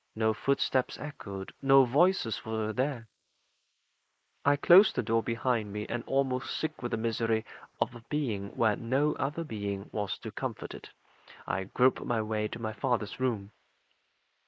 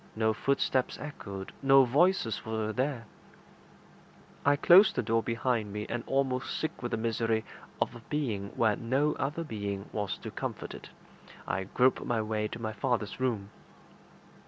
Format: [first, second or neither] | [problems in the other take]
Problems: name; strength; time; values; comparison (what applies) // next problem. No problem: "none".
second | noise reduction (neural mask model Resemble Enhance denoiser)